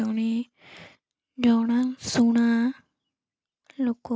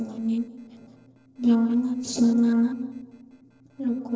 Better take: first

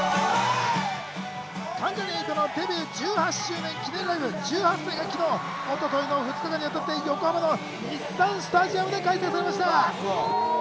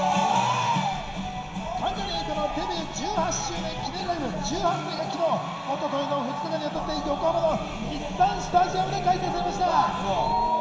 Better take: first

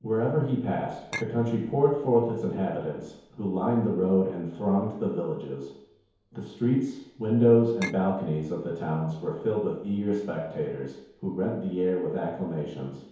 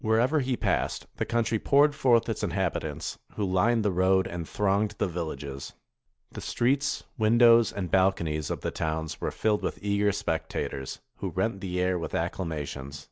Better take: second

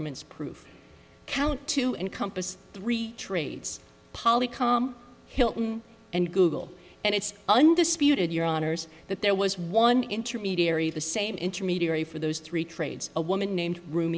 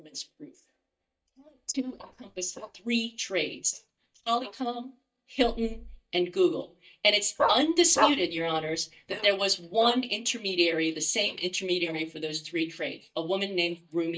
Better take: first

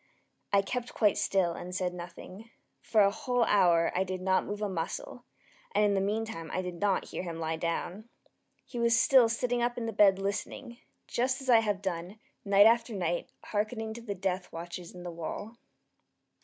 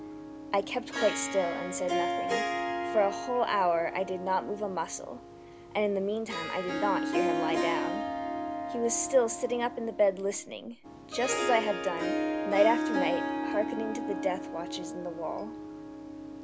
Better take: first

